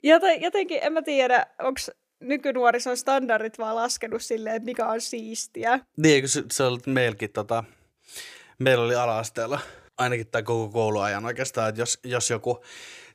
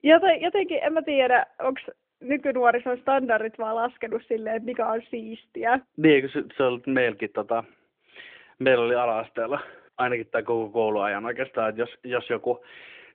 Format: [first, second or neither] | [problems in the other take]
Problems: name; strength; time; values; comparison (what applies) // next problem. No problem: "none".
first | phone-call audio